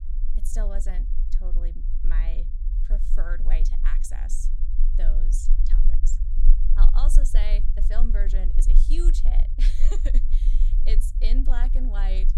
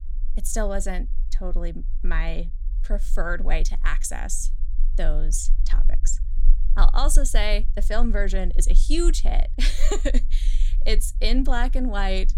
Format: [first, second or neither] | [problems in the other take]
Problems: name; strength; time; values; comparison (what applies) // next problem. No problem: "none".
second | low rumble; loud; throughout; 10 dB below the speech; faint in the second